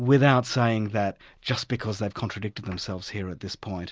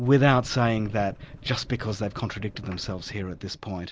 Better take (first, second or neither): first